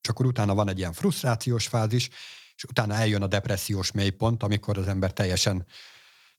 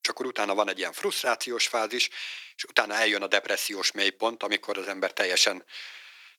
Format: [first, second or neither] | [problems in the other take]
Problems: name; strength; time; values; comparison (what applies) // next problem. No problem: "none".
first | thin; very; fading below 300 Hz